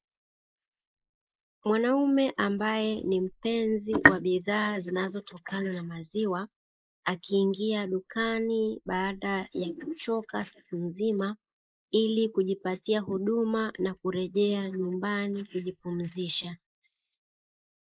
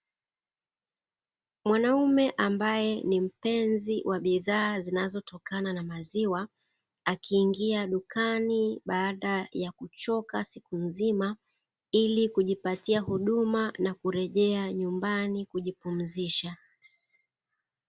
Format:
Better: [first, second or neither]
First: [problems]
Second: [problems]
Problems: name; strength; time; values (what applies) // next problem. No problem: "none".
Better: second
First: noise reduction (neural mask model Resemble Enhance denoiser)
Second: none